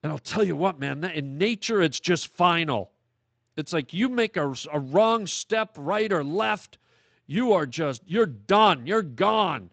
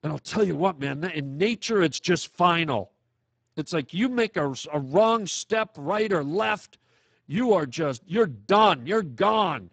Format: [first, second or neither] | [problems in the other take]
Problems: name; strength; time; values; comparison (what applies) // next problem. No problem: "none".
first | garbled, watery; badly; nothing above 7.5 kHz; slightly in the first